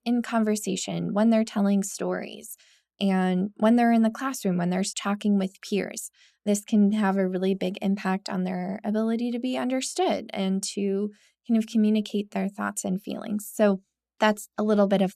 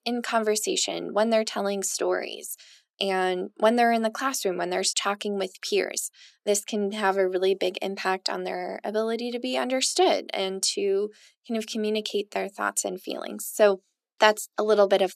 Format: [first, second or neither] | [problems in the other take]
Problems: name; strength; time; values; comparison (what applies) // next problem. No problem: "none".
first | thin; somewhat; fading below 350 Hz